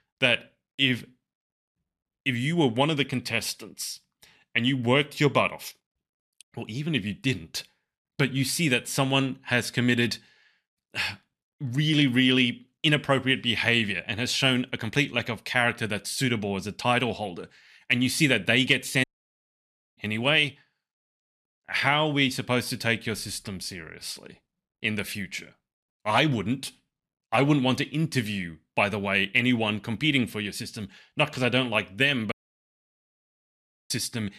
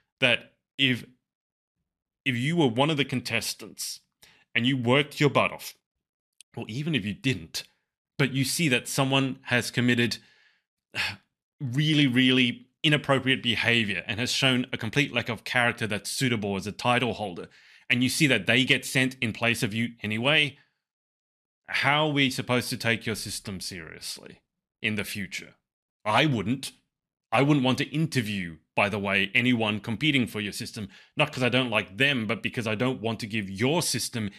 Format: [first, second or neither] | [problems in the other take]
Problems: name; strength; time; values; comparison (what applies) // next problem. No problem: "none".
second | audio cutting out; at 19 s for 1 s and at 32 s for 1.5 s